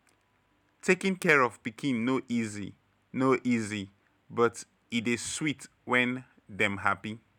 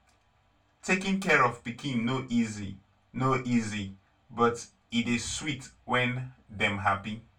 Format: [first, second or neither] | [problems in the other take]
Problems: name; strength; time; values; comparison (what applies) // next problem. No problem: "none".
first | room echo; dies away in 0.2 s